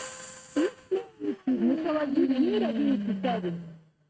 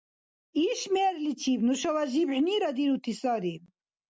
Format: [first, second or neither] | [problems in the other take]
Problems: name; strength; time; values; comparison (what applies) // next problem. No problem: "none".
second | noise reduction (neural mask model RNNoise)